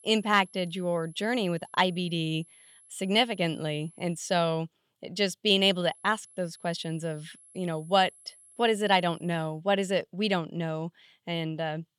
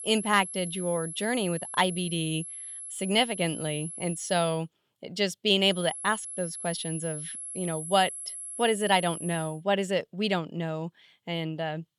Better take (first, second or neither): first